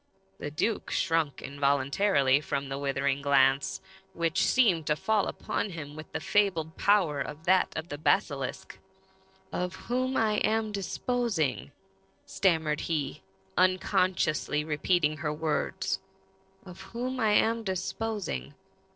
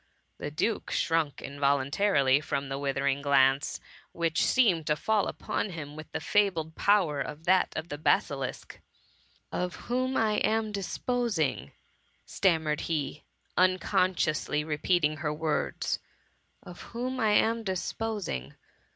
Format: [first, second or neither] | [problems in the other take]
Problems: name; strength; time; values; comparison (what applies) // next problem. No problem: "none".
second | noise reduction (neural separator model SepFormer DNS4)